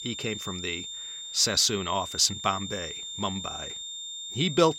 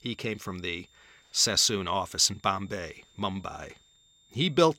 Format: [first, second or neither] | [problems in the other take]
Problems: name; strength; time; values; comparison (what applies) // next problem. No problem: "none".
second | high-pitched whine; loud; throughout; 3.5 kHz, 8 dB below the speech; faint in the second